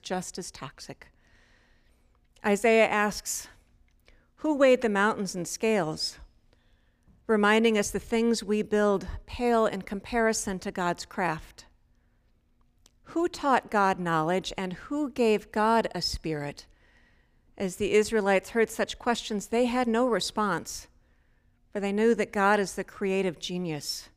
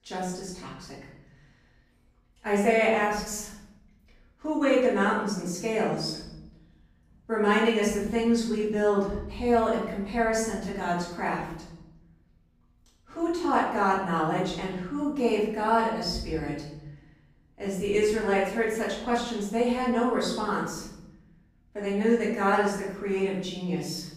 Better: first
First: none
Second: off-mic speech; far // room echo; noticeable; dies away in 0.9 s

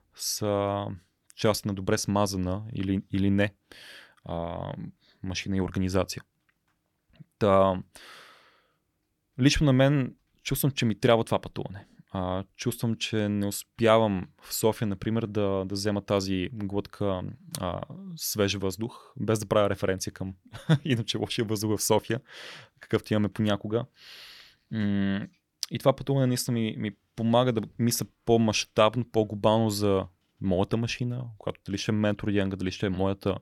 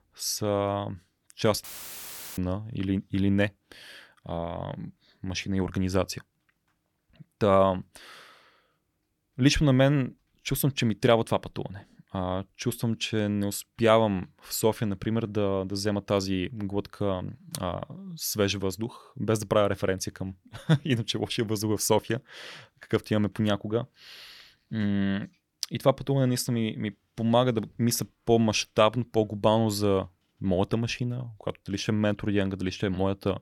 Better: first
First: none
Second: audio cutting out; filled with static; at 1.5 s for 0.5 s

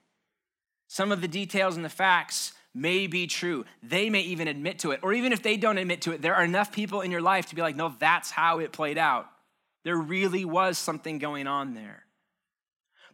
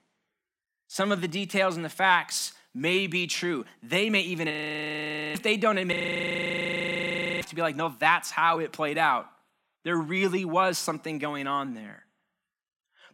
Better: first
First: none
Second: audio freezing; at 4.5 s for 1 s and at 6 s for 1.5 s

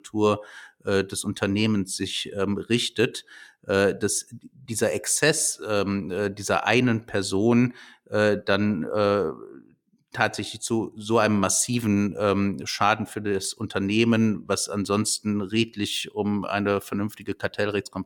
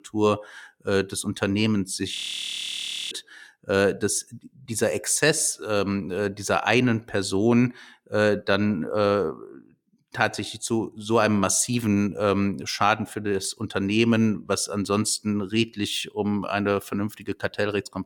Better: first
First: none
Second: audio freezing; at 2 s for 1 s

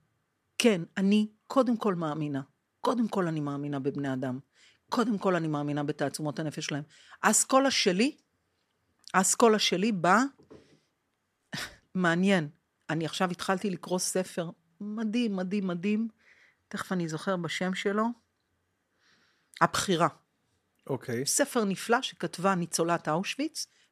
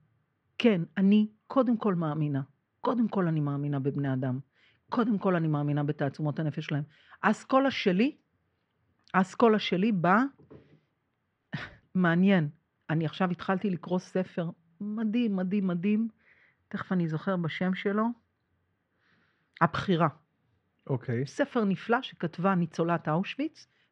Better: first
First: none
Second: muffled; very; fading above 3 kHz

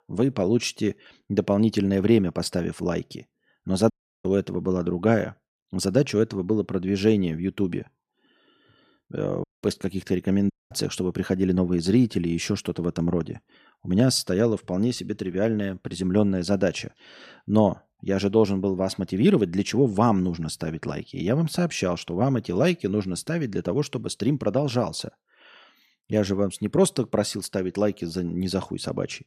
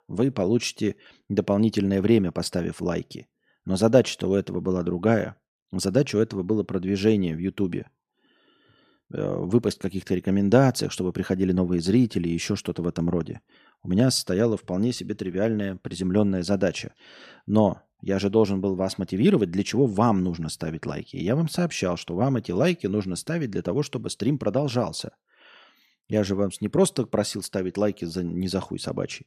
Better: second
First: audio cutting out; at 4 s, at 9.5 s and at 11 s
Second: none

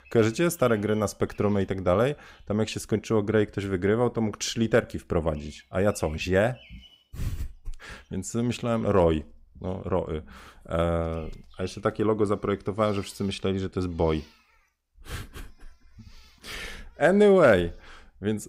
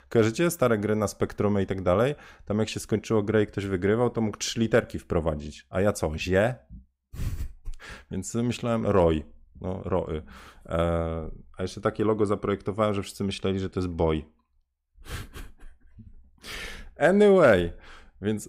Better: second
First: animal sounds; faint; throughout; 30 dB below the speech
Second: none

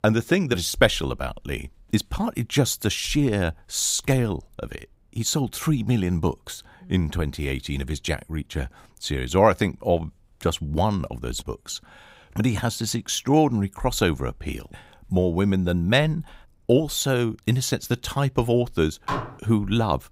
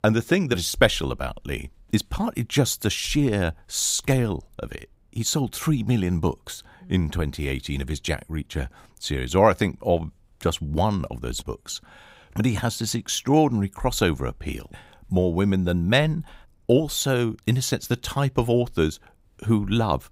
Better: second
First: clattering dishes; noticeable; at 19 s; peak 6 dB below the speech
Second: none

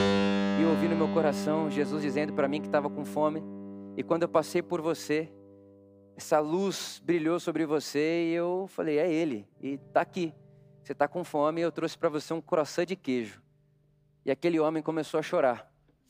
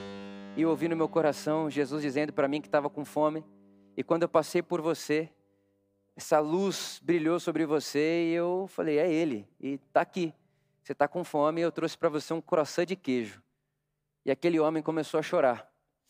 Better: second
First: background music; loud; throughout; 3 dB below the speech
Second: background music; faint; throughout; 20 dB below the speech

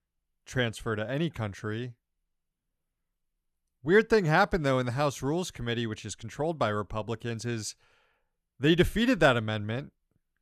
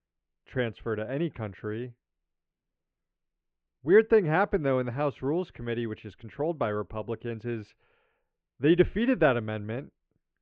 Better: first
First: none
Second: muffled; very; fading above 2.5 kHz

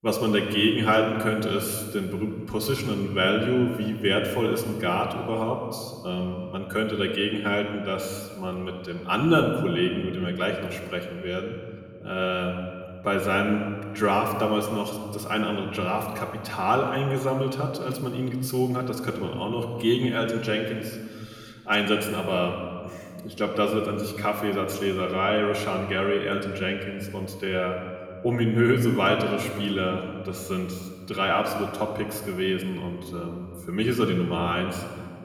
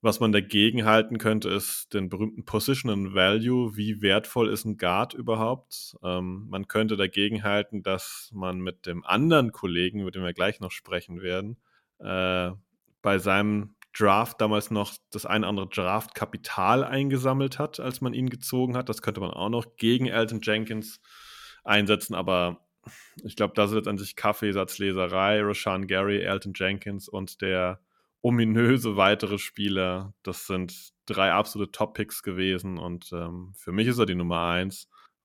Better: second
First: room echo; slight; dies away in 1.6 s // off-mic speech; far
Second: none

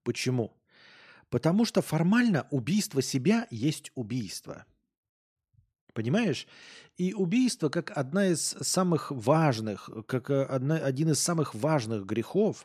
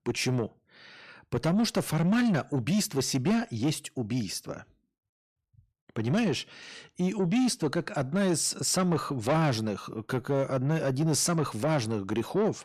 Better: first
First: none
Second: distortion; slight; 10 dB below the speech

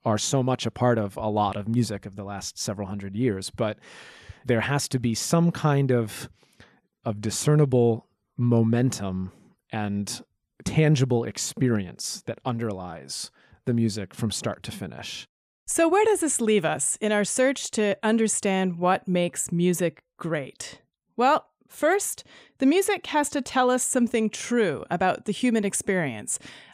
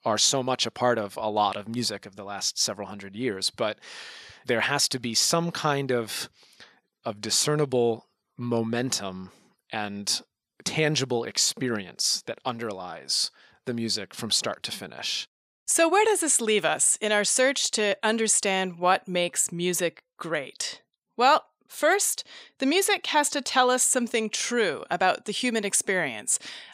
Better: first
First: none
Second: thin; somewhat; fading below 650 Hz

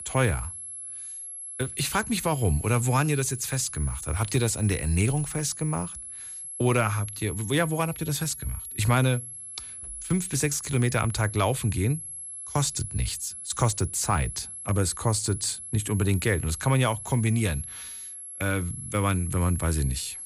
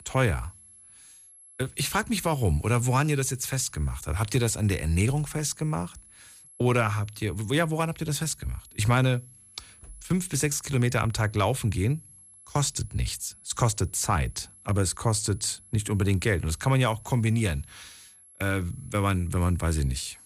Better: second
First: high-pitched whine; loud; throughout; 11 kHz, 9 dB below the speech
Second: high-pitched whine; faint; throughout; 11 kHz, 25 dB below the speech

